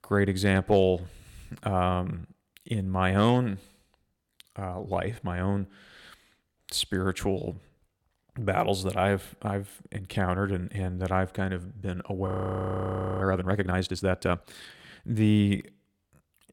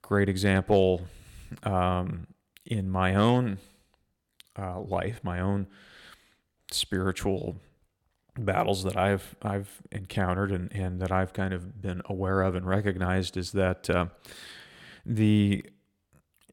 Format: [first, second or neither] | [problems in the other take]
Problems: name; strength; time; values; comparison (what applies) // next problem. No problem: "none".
second | audio freezing; at 12 s for 1 s